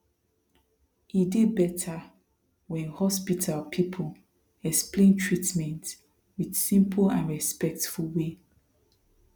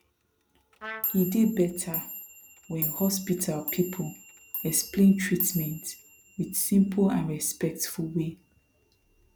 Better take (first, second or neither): first